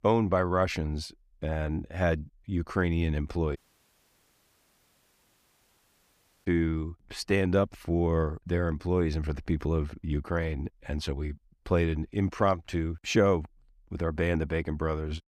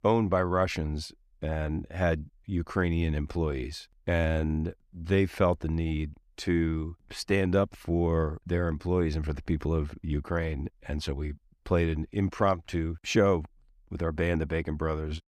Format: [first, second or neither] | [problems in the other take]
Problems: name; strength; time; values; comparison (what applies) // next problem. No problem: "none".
second | audio cutting out; at 3.5 s for 3 s